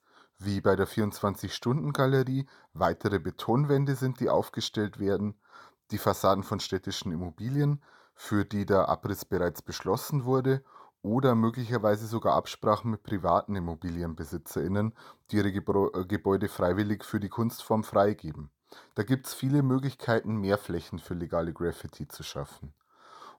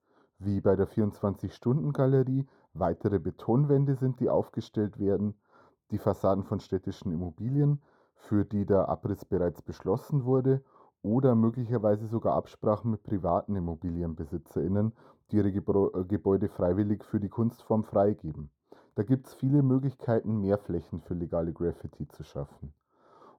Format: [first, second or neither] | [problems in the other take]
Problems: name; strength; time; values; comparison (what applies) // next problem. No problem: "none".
first | muffled; slightly; fading above 1 kHz